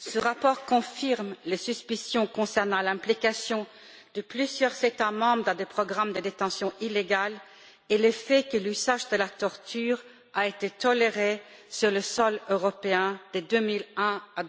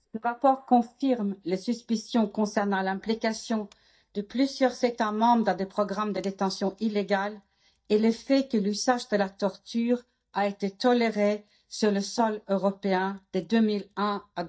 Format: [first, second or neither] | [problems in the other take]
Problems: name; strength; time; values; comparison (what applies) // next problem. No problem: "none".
first | noise reduction (neural mask model DeepFilterNet 3)